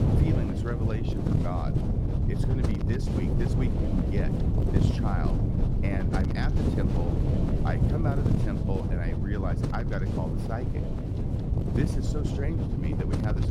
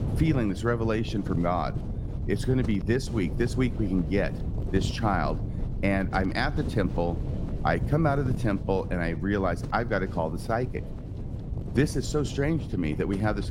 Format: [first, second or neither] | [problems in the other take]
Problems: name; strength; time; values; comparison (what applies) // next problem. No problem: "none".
second | wind noise on the microphone; heavy; 2 dB above the speech; occasional gusts in the second